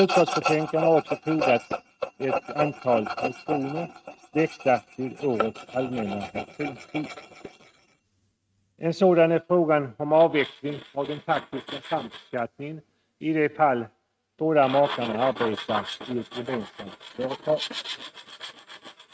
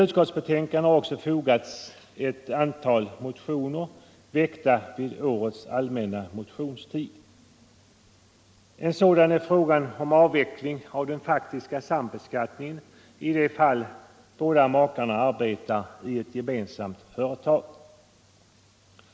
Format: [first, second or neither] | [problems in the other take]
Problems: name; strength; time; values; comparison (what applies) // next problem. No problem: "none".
second | noise reduction (neural mask model RNNoise)